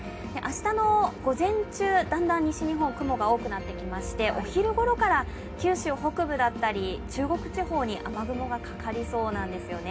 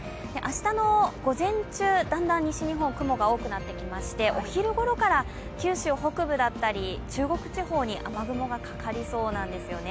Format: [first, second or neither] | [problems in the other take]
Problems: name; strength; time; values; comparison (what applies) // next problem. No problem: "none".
second | room echo; dies away in 0.3 s